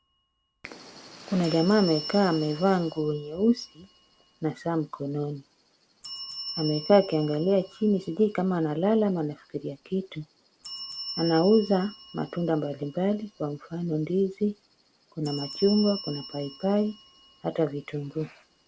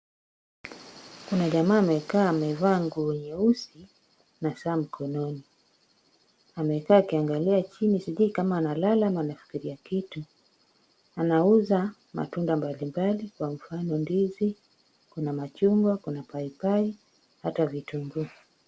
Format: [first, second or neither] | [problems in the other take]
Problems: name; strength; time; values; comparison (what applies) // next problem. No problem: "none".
second | background sound (Bell); 16 dB below the speech